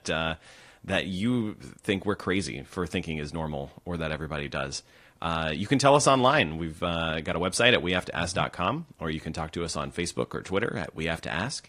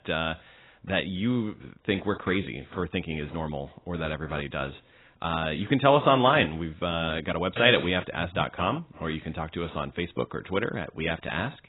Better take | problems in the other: first | garbled, watery; badly; nothing above 3.5 kHz; slightly in the first

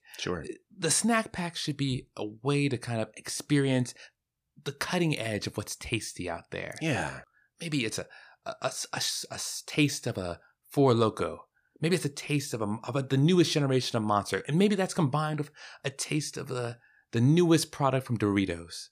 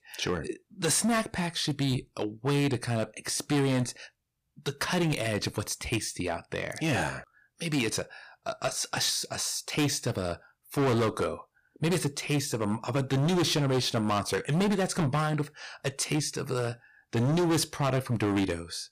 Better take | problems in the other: first | distortion; heavy; 12% of the sound clipped

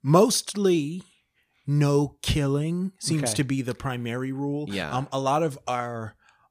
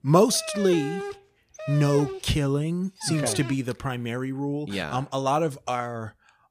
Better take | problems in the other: first | dog barking; noticeable; until 3.5 s; peak 7 dB below the speech

